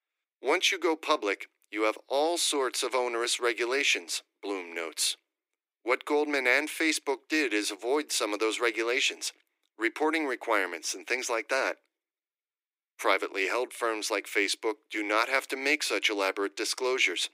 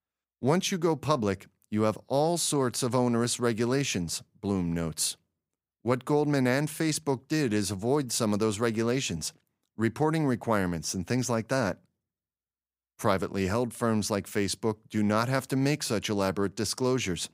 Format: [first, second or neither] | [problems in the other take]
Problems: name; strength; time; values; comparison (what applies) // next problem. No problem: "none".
second | thin; very; fading below 300 Hz